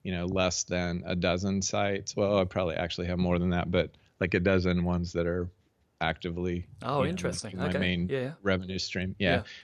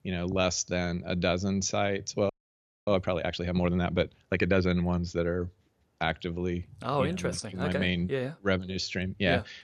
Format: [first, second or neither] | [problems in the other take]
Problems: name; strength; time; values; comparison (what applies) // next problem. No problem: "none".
first | audio freezing; at 2.5 s for 0.5 s